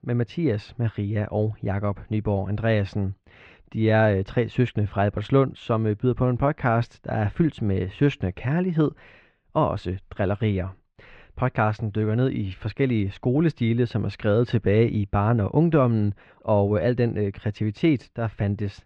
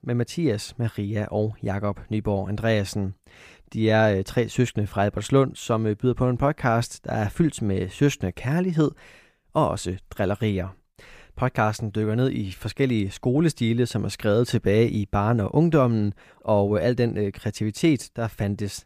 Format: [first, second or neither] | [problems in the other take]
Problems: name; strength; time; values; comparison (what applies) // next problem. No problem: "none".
second | muffled; slightly; fading above 3.5 kHz